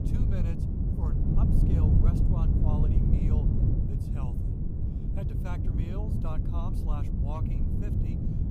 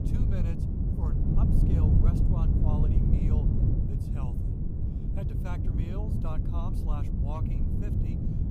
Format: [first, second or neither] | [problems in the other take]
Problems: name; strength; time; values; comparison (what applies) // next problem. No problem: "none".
neither | wind noise on the microphone; heavy; 5 dB above the speech; the same in both